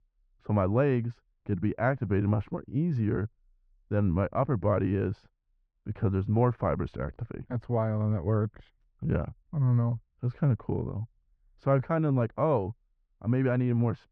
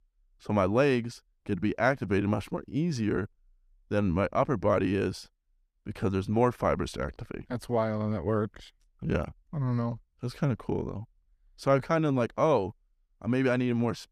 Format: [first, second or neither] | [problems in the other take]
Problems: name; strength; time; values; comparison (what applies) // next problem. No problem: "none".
second | muffled; very; fading above 1.5 kHz